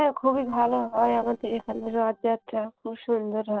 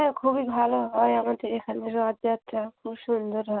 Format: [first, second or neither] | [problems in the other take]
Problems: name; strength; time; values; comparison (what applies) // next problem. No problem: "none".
second | noise reduction (neural separator model SepFormer DNS4)